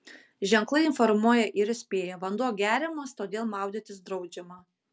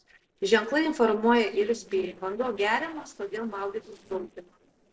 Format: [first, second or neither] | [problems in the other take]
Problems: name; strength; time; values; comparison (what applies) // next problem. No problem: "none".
first | noise reduction (neural separator model SepFormer DNS4)